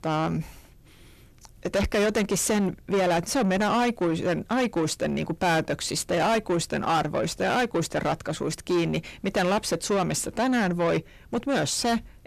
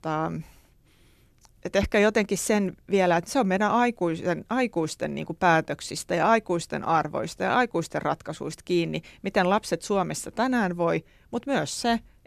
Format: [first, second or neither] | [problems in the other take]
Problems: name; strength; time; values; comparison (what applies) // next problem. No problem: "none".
second | distortion; heavy; 7 dB below the speech